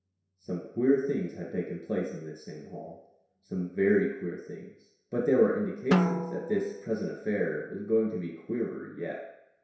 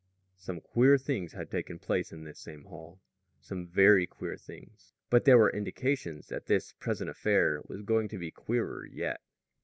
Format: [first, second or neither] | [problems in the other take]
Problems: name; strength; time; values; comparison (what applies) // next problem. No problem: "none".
second | background sound (Drum); 1 dB below the speech // room echo; dies away in 0.7 s